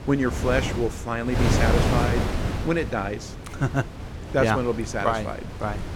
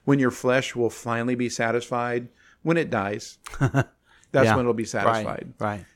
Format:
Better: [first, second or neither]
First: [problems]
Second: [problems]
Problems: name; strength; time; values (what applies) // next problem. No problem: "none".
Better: second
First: wind noise on the microphone; heavy; 5 dB below the speech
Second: none